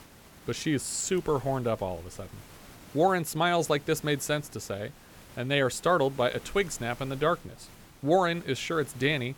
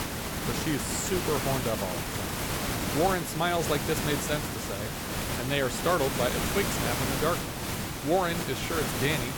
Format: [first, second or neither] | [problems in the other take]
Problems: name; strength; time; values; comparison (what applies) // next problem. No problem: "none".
first | hiss; loud; throughout; as loud as the speech; faint in the first